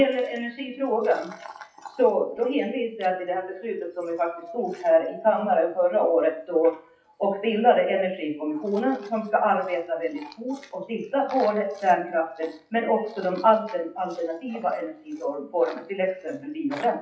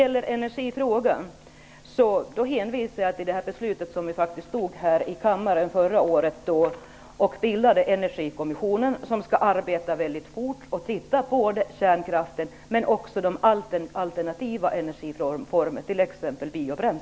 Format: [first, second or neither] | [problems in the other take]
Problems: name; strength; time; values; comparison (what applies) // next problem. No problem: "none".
second | noise reduction (classical method WPE with log-MMSE)